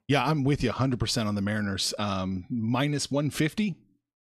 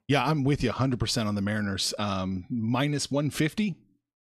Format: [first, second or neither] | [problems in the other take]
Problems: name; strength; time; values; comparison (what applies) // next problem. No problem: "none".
neither | none